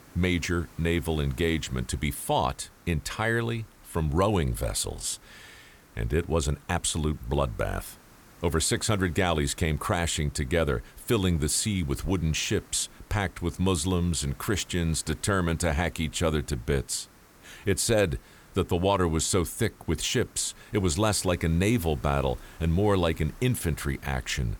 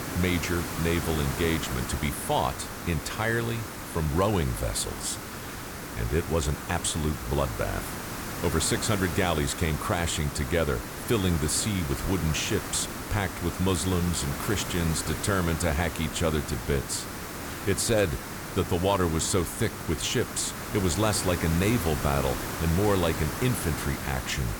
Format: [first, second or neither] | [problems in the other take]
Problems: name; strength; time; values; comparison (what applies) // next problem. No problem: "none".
first | hiss; loud; throughout; 6 dB below the speech; faint in the first